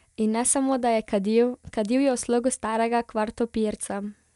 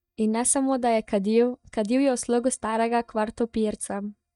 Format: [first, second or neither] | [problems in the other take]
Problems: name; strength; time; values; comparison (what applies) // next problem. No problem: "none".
first | noise reduction (neural mask model DeepFilterNet 3)